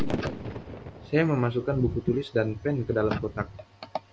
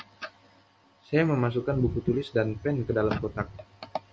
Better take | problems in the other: second | background sound (Fireworks); 9 dB below the speech

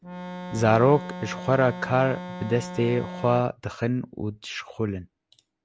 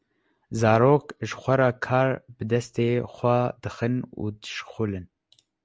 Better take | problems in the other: second | background sound (Organ); 10 dB below the speech

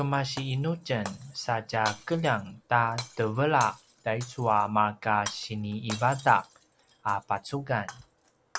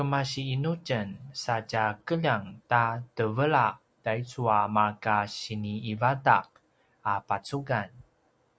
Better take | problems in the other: second | background sound (Shatter); 16 dB below the speech

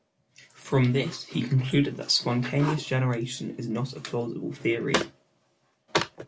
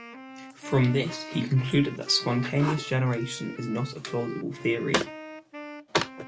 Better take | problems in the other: first | background sound (Wind instrument, woodwind instrument); 15 dB below the speech

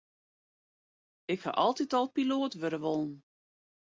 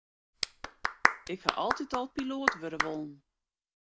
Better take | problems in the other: first | background sound (Clapping); 4 dB above the speech

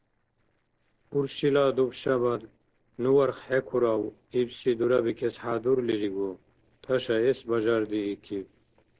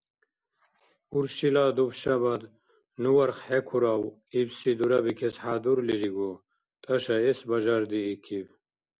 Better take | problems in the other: second | noise reduction (neural separator model SepFormer DNS4)

